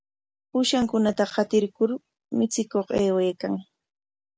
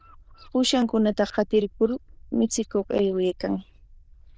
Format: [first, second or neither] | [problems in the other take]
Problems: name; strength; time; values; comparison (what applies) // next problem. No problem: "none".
first | noise reduction (neural diffusion model UNIVERSE++)